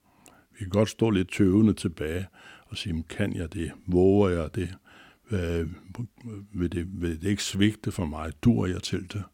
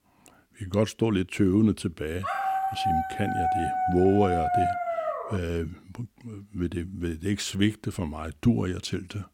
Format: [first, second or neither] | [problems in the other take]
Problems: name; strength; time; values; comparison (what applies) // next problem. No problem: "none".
first | dog barking; loud; from 2 to 5.5 s; peak 2 dB above the speech